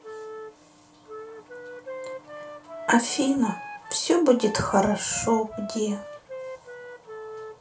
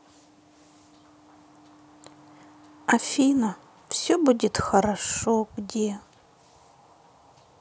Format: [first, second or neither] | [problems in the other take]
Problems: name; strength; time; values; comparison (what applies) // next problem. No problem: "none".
second | background sound (Wind instrument, woodwind instrument); 13 dB below the speech // room echo; dies away in 0.3 s